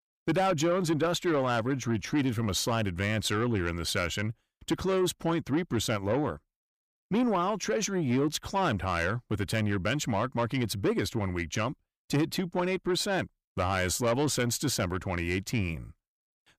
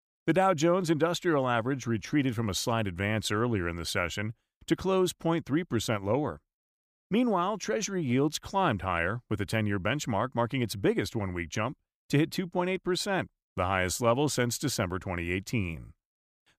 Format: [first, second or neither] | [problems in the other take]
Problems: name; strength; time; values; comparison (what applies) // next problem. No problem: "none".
second | distortion; slight; 10 dB below the speech